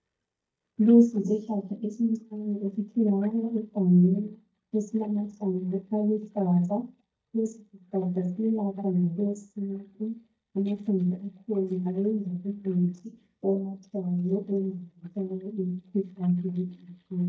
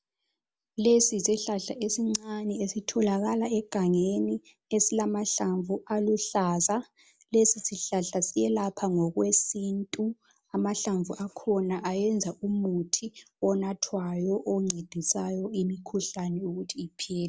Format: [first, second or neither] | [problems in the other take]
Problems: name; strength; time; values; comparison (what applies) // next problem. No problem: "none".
second | noise reduction (neural mask model DeepFilterNet 3)